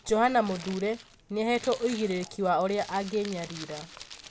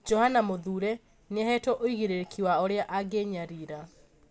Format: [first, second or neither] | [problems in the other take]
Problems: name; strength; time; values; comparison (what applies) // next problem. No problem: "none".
second | background sound (Crumpling, crinkling); 17 dB below the speech